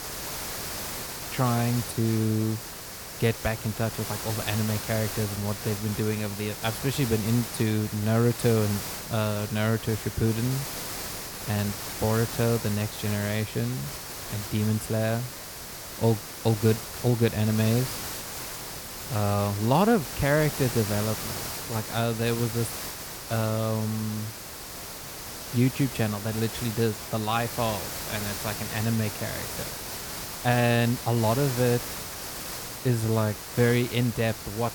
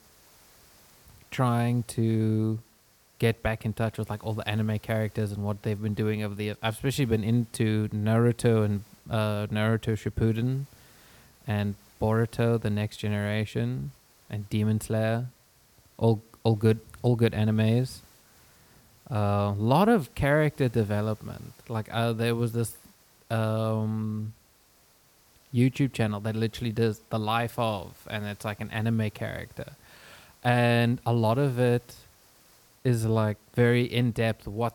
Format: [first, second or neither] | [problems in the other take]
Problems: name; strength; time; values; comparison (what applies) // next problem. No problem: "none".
second | hiss; loud; throughout; 7 dB below the speech; faint in the second